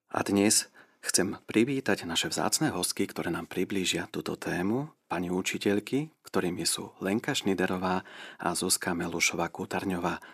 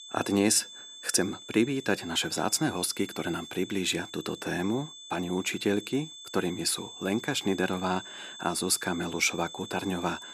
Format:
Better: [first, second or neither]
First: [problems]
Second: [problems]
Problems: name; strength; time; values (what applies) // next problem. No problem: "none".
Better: first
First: none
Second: high-pitched whine; noticeable; throughout; 3.5 kHz, 15 dB below the speech